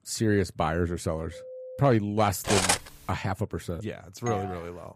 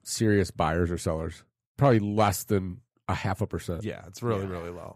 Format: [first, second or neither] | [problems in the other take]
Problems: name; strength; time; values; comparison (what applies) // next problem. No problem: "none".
second | phone ringing; faint; at 1.5 s; peak 15 dB below the speech // clattering dishes; loud; at 2.5 s; peak 5 dB above the speech // doorbell; noticeable; at 4.5 s; peak 8 dB below the speech